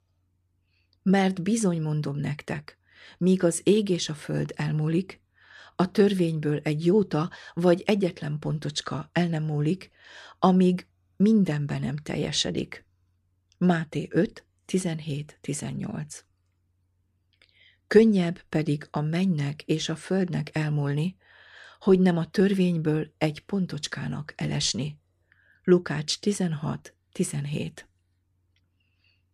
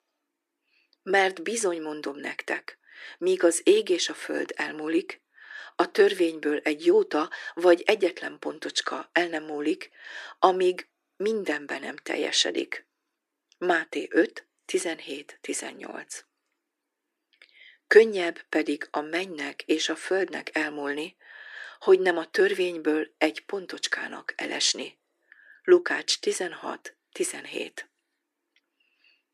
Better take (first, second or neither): first